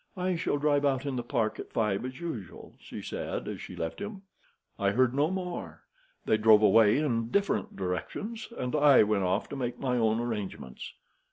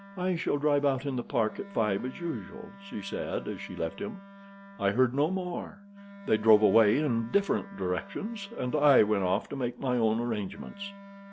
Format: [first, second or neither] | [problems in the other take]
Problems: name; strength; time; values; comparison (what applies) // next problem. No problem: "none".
first | background sound (Wind instrument, woodwind instrument); 20 dB below the speech